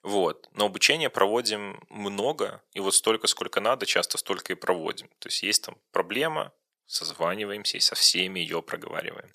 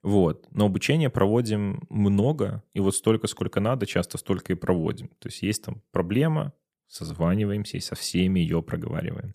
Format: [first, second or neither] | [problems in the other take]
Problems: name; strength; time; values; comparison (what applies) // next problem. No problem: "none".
second | thin; very; fading below 650 Hz